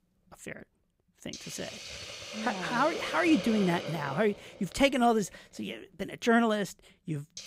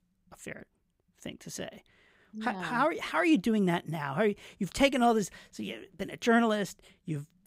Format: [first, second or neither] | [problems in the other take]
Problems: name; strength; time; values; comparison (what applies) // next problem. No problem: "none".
second | hiss; noticeable; throughout; 10 dB below the speech